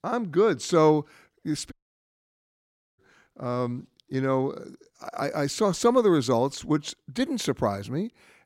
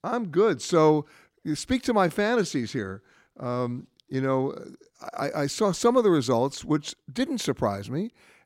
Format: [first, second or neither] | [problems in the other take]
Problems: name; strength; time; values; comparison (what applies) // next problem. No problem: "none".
second | audio cutting out; at 1.5 s for 1.5 s